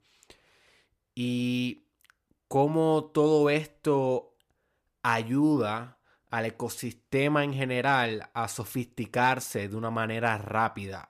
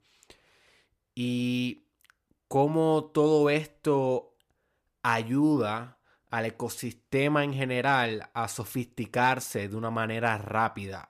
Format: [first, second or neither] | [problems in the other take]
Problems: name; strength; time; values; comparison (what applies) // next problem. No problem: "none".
neither | none